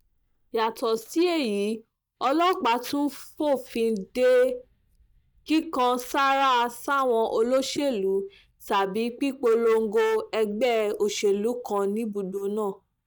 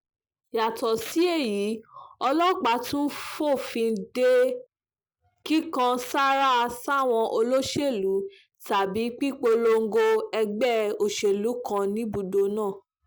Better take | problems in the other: second | noise reduction (neural mask model DeepFilterNet 3)

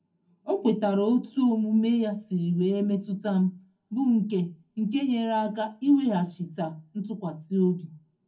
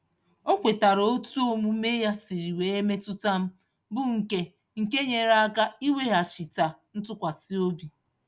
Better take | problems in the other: second | room echo; dies away in 0.4 s

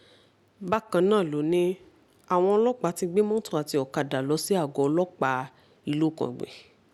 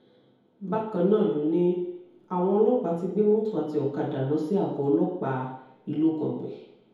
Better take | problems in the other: first | room echo; dies away in 2 s

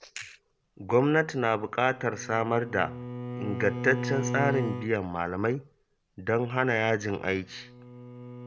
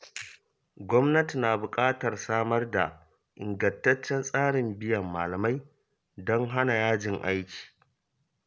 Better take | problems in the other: second | background sound (Bowed string instrument); 9 dB below the speech

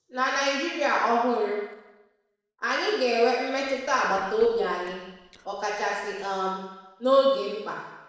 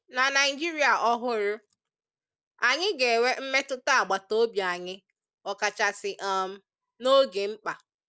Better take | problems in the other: second | noise reduction (neural separator model SepFormer DNS4)

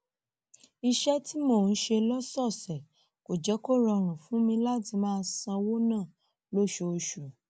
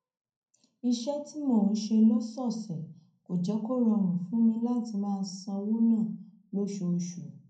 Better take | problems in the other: first | room echo; dies away in 0.5 s

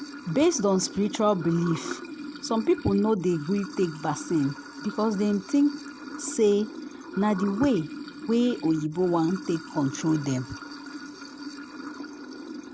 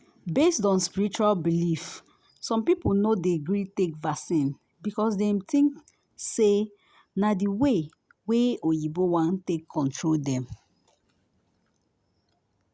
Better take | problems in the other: second | background sound (Sink (filling or washing) / Water); 12 dB below the speech

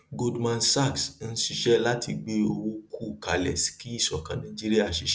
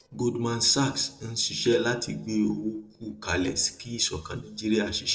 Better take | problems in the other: first | noise reduction (neural separator model SepFormer DNS4)

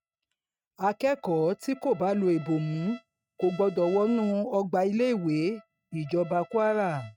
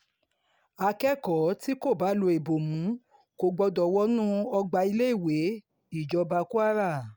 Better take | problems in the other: second | noise reduction (neural mask model RNNoise)

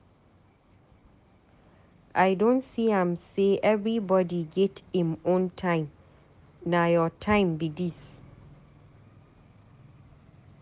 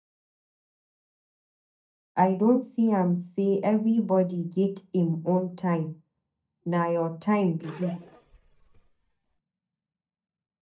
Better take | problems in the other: first | noise reduction (neural mask model DeepFilterNet 3)

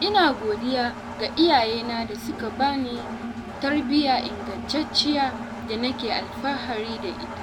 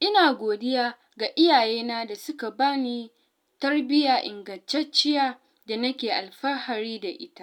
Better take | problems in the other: second | background sound (Engine); 9 dB below the speech

